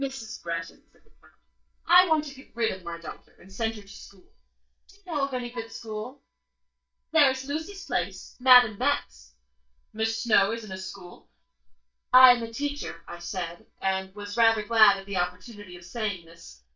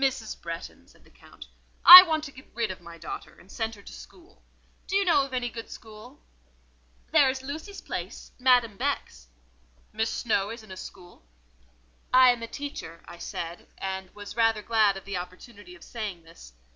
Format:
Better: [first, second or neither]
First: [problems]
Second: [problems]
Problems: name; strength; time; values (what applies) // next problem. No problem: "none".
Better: second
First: noise reduction (neural mask model DeepFilterNet 3)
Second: none